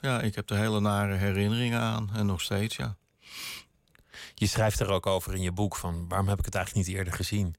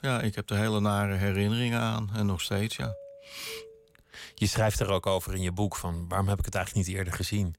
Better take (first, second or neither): first